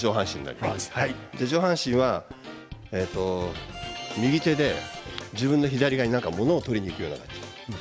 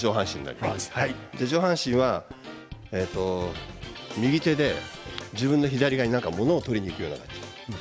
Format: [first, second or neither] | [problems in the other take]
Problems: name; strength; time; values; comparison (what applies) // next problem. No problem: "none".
second | background sound (Bowed string instrument); 13 dB below the speech